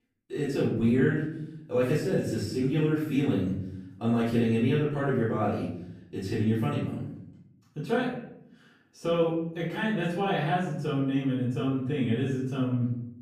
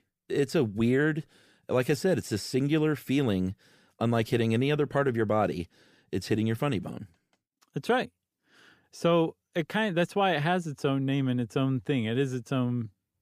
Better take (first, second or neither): second